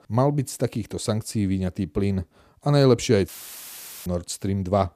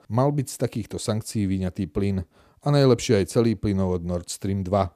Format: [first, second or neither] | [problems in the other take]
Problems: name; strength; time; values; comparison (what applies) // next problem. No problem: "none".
second | audio cutting out; filled with static; at 3.5 s for 1 s